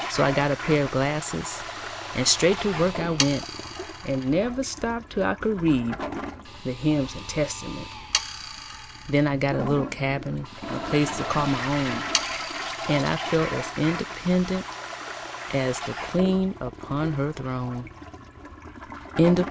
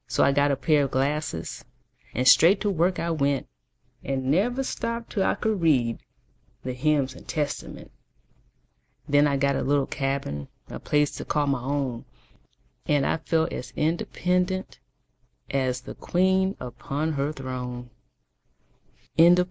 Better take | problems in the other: second | background sound (Toilet flush + Sawing); 8 dB below the speech

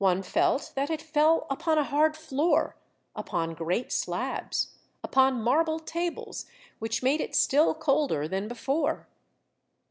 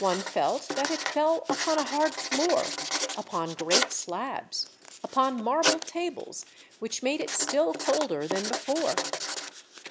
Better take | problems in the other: first | background sound (Writing); 4 dB below the speech

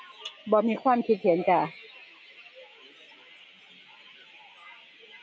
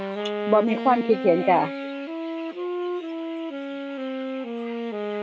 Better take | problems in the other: first | background sound (Wind instrument, woodwind instrument); 4 dB below the speech

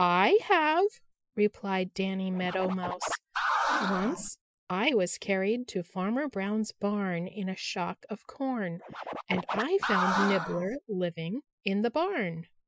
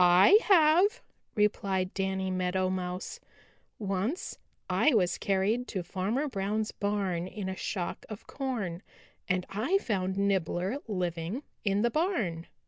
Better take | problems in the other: second | noise reduction (classical method Wiener filter)

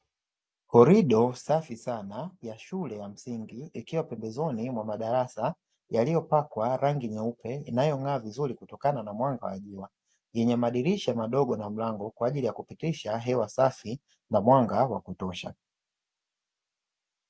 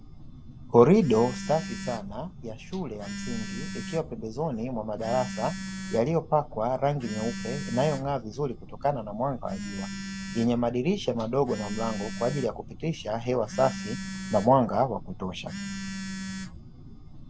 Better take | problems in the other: first | background sound (Telephone); 10 dB below the speech

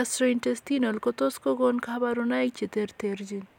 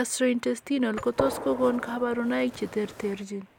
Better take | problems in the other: first | background sound (Gunshot, gunfire); 9 dB below the speech

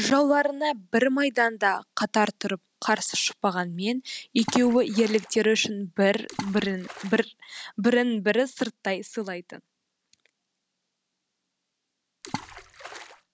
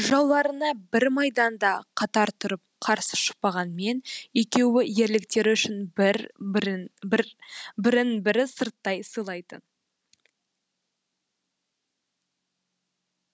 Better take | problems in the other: second | background sound (Water / Splash, splatter); 13 dB below the speech

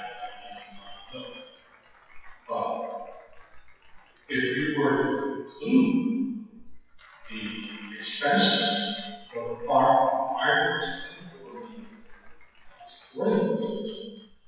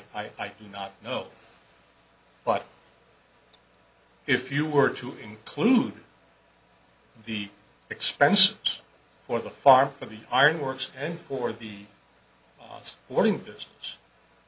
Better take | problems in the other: second | noise reduction (classical method WPE with log-MMSE)

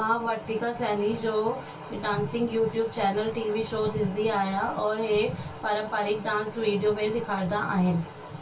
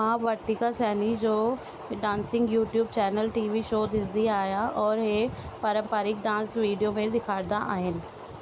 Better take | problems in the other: second | room echo; dies away in 0.2 s

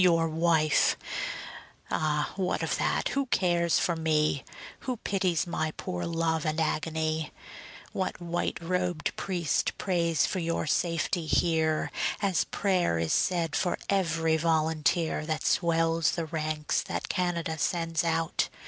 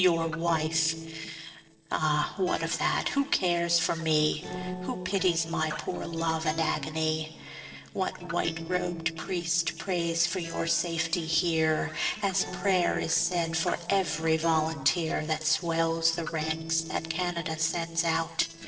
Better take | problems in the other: first | noise reduction (neural separator model SepFormer DNS4)

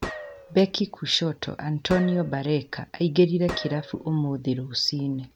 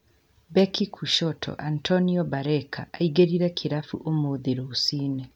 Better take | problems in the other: second | background sound (Gunshot, gunfire); 14 dB below the speech

